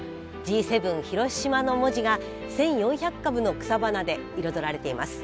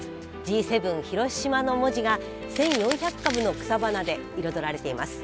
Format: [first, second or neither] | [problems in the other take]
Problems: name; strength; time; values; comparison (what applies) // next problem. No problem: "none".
first | background sound (Crumpling, crinkling); 13 dB below the speech